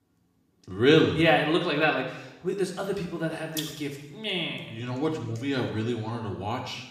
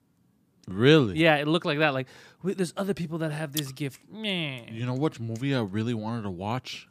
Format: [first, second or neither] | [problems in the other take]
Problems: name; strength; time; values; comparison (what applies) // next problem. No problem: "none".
second | room echo; noticeable; dies away in 0.9 s // off-mic speech; somewhat distant